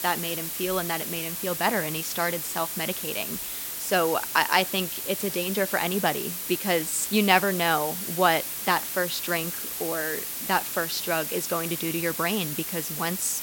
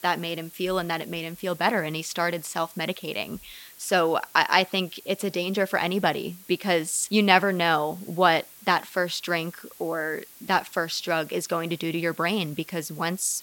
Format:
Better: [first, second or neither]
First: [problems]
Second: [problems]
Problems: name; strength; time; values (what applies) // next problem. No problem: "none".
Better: second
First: hiss; loud; throughout; 3 dB below the speech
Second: hiss; faint; throughout; 20 dB below the speech